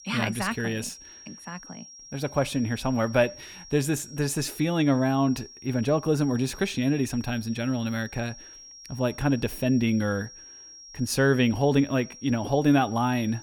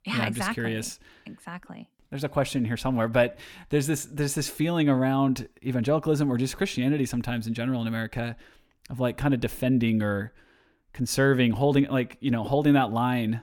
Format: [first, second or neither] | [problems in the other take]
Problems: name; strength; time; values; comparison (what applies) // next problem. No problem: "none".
second | high-pitched whine; noticeable; throughout; 5.5 kHz, 20 dB below the speech